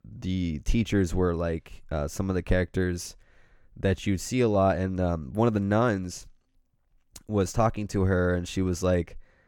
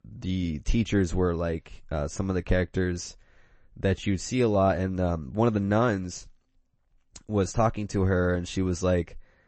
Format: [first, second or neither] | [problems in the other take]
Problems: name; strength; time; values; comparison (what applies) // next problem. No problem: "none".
first | garbled, watery; slightly; nothing above 8 kHz